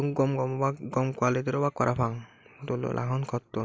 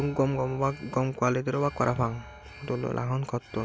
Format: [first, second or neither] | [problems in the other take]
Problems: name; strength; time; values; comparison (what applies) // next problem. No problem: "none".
first | background sound (Alarm); 19 dB below the speech